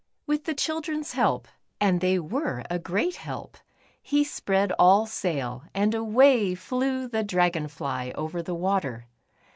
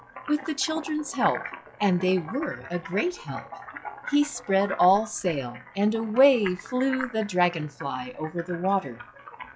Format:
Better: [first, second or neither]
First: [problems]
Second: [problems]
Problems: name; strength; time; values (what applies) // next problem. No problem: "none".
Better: first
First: none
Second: noise reduction (classical method log-MMSE)